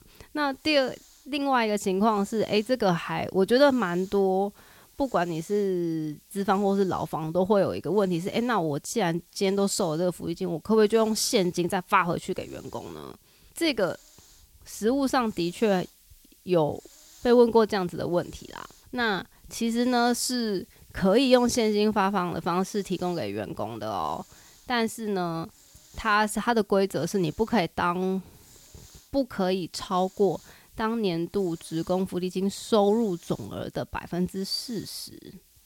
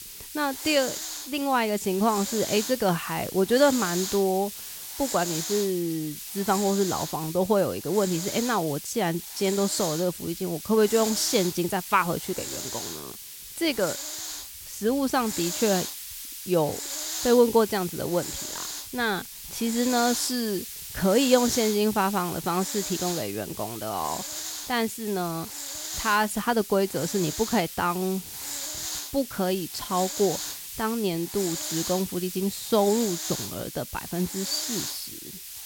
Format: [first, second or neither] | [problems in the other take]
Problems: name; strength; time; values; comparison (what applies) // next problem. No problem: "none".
first | hiss; loud; throughout; 6 dB below the speech; faint in the first